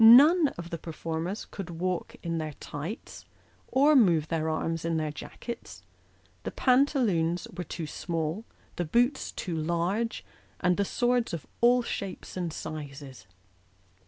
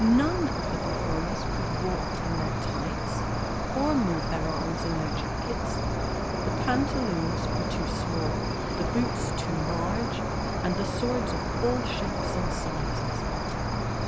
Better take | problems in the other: first | background sound (Cricket); 3 dB above the speech

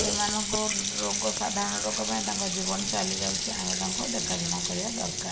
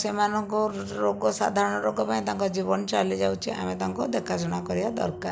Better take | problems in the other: second | background sound (Water tap, faucet); 2 dB above the speech // room echo; dies away in 2 s

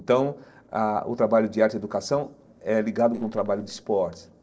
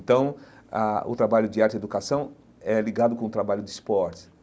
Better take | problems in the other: second | noise reduction (neural separator model SepFormer DNS4)

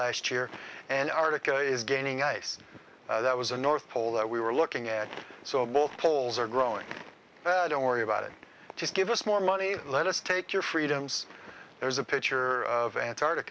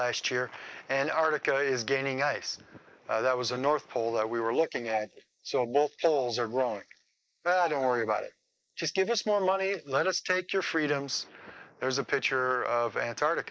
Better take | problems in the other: first | noise reduction (neural mask model Resemble Enhance denoiser)

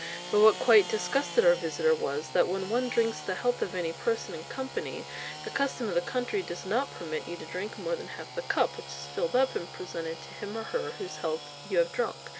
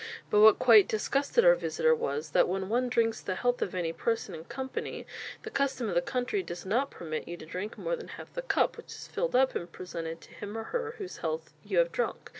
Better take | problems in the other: second | background sound (Sawing / Engine); 13 dB below the speech

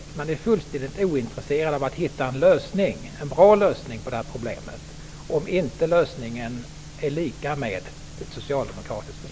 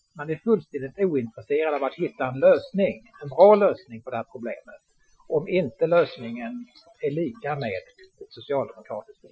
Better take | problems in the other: first | noise reduction (classical method Wiener filter)

